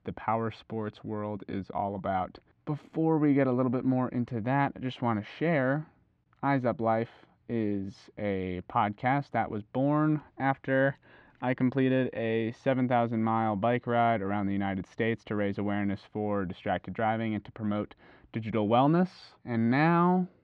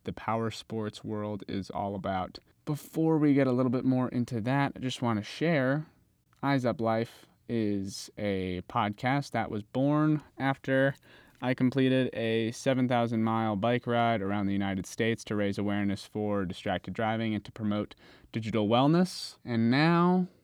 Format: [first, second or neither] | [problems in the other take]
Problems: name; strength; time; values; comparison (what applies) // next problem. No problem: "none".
second | muffled; very; fading above 2 kHz